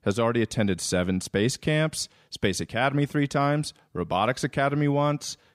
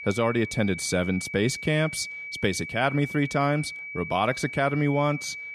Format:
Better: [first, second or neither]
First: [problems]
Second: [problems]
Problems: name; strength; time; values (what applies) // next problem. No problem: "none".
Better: first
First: none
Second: high-pitched whine; loud; throughout; 2.5 kHz, 9 dB below the speech